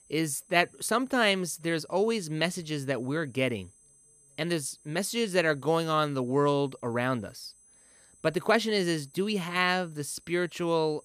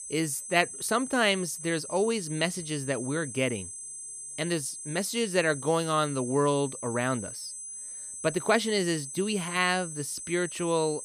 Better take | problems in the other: first | high-pitched whine; loud; throughout; 8 kHz, 9 dB below the speech; faint in the first

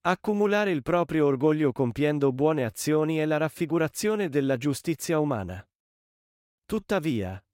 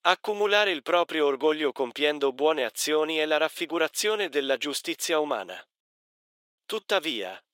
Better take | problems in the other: first | thin; somewhat; fading below 400 Hz

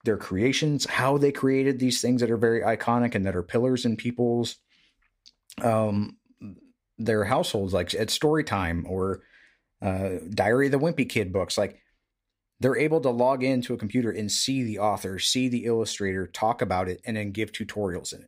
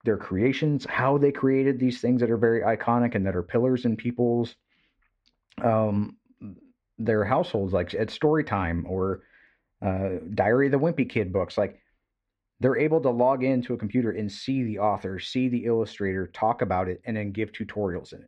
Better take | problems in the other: first | muffled; very; fading above 2 kHz

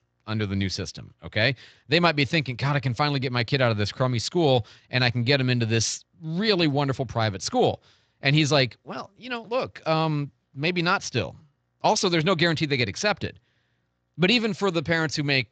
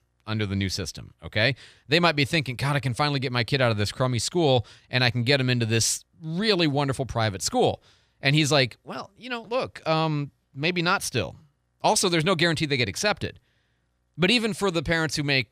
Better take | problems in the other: second | garbled, watery; slightly; nothing above 7.5 kHz

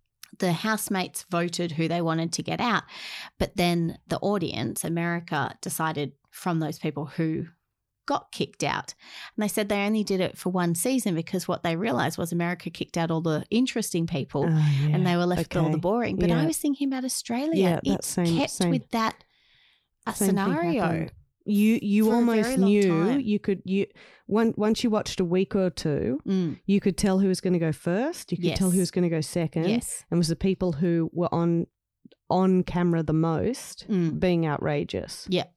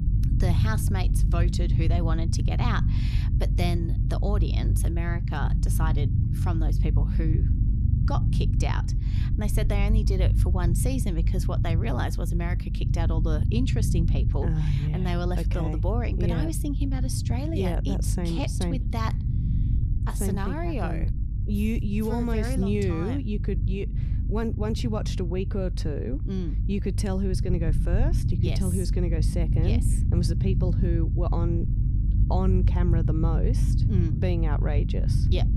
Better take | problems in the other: first | low rumble; loud; throughout; 6 dB below the speech

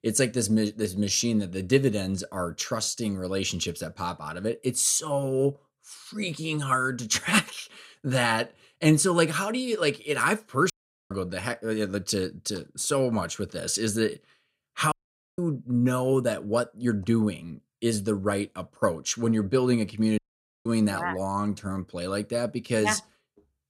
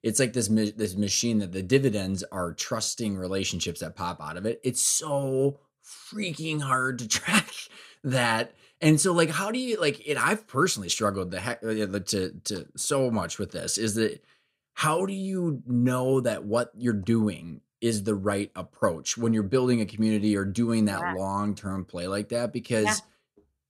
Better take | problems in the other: second | audio cutting out; at 11 s, at 15 s and at 20 s

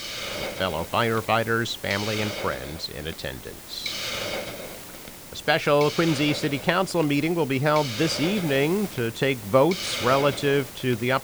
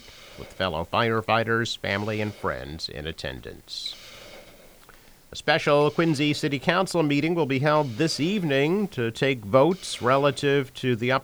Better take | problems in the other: second | hiss; loud; throughout; 9 dB below the speech; faint in the second

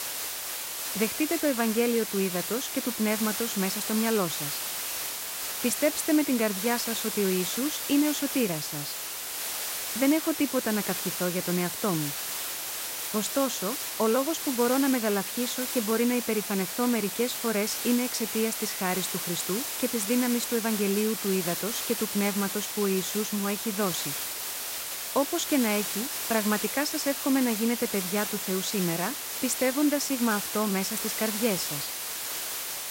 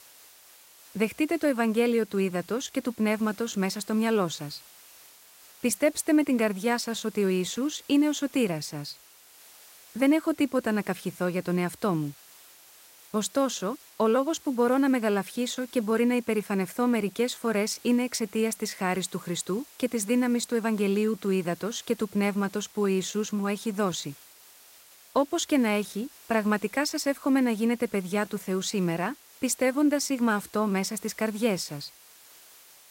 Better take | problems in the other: second | hiss; loud; throughout; 2 dB below the speech; faint in the second

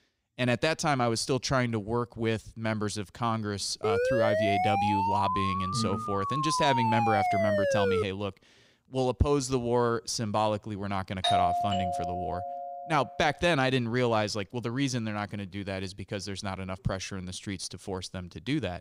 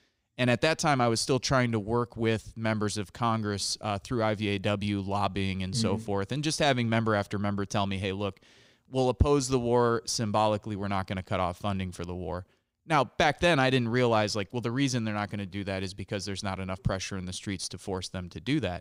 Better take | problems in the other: second | siren; loud; from 4 to 8 s; peak 3 dB above the speech // doorbell; loud; from 11 to 13 s; peak 4 dB above the speech

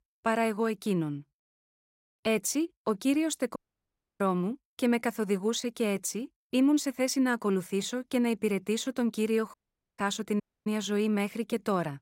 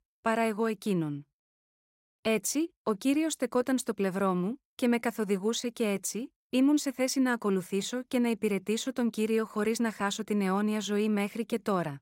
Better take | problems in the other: second | audio cutting out; at 3.5 s for 0.5 s, at 9.5 s and at 10 s

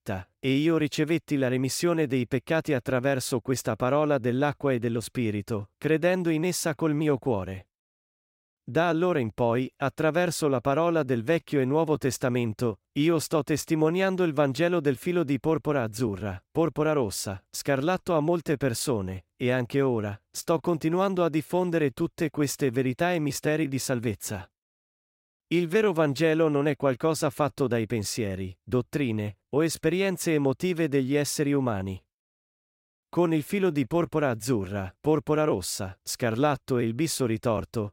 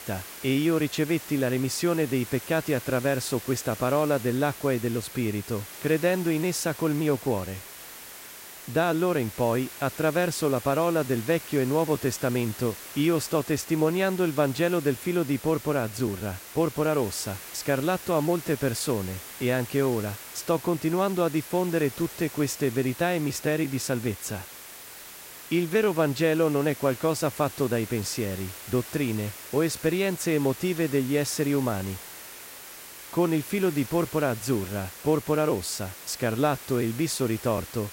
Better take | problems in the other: first | hiss; noticeable; throughout; 15 dB below the speech

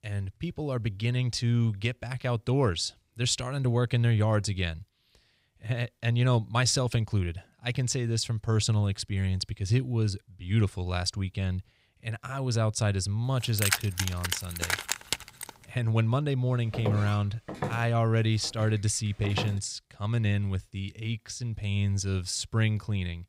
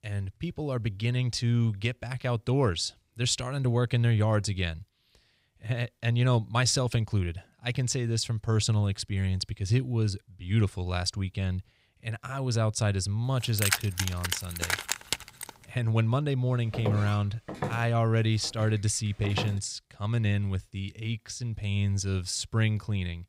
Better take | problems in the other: neither | jangling keys; loud; from 13 to 16 s; peak 1 dB above the speech; the same in both // footsteps; noticeable; from 17 to 20 s; peak 5 dB below the speech; the same in both

